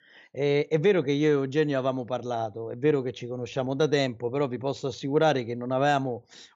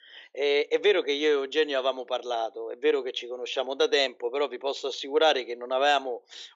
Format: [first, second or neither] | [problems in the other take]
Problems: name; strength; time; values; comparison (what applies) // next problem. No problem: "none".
first | thin; somewhat; fading below 350 Hz